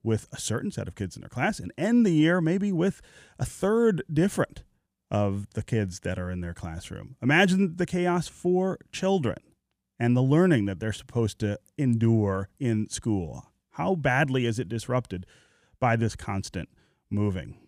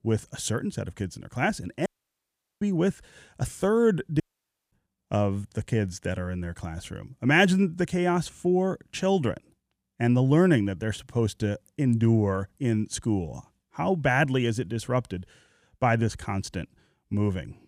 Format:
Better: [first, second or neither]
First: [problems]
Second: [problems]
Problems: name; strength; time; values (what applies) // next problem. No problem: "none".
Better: first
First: none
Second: audio cutting out; at 2 s for 0.5 s and at 4 s for 0.5 s